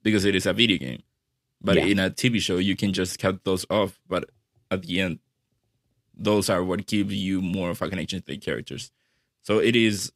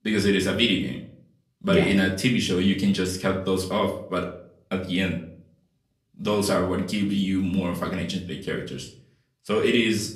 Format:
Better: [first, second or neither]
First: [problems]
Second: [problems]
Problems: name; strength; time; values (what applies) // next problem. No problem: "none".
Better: first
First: none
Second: room echo; slight; dies away in 0.4 s // off-mic speech; far